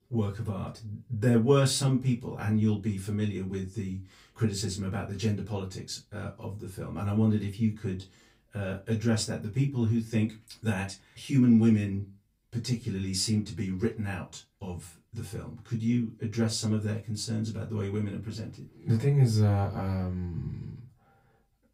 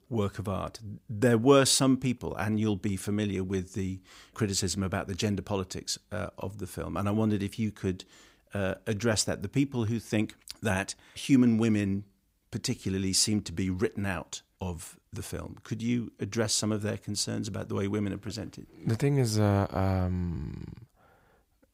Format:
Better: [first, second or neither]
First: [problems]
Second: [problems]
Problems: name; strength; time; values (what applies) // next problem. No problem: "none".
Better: second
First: off-mic speech; far // room echo; very slight; dies away in 0.2 s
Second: none